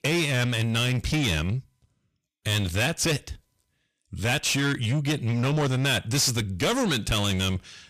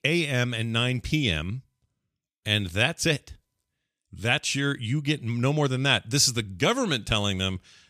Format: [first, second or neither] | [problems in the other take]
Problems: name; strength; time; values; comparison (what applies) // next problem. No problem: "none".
second | distortion; heavy; 6 dB below the speech